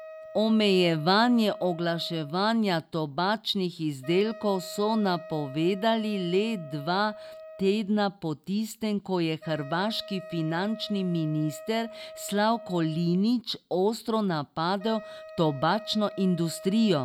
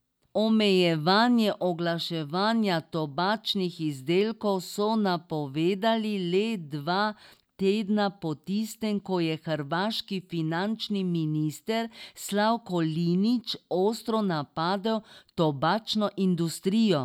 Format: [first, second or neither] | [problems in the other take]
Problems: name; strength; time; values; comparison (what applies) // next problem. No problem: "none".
second | background sound (Wind instrument, woodwind instrument); 17 dB below the speech